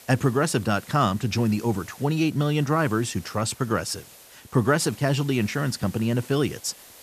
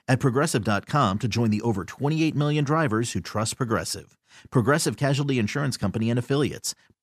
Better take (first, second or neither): second